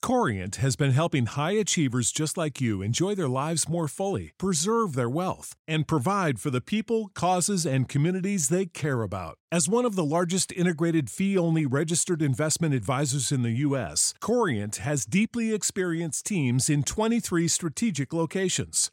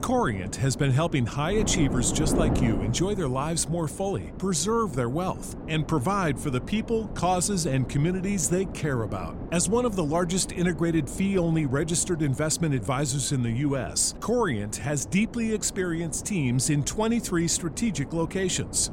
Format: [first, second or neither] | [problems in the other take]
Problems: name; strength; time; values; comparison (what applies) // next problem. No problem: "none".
first | wind noise on the microphone; occasional gusts; 10 dB below the speech